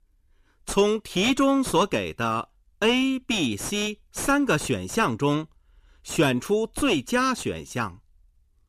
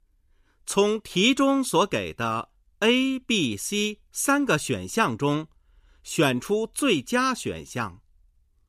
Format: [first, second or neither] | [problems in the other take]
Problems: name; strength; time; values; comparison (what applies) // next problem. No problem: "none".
second | distortion; slight; 8 dB below the speech